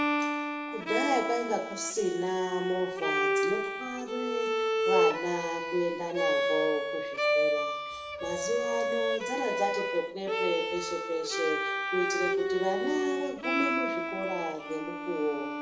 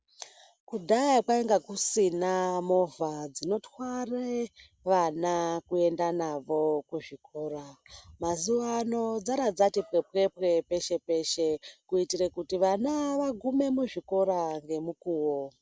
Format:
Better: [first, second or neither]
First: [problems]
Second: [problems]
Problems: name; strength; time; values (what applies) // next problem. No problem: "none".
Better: second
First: background sound (Bowed string instrument); 2 dB above the speech // room echo; dies away in 0.9 s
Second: none